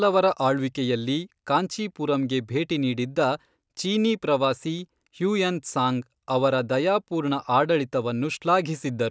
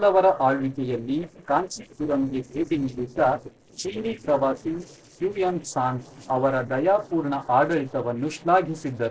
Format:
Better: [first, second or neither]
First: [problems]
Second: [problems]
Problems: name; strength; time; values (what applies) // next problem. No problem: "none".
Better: first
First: none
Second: noise reduction (neural separator model SepFormer DNS4)